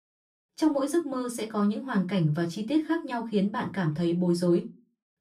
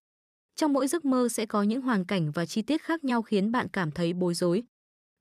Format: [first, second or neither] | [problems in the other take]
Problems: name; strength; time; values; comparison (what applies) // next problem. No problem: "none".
second | off-mic speech; far // room echo; very slight; dies away in 0.2 s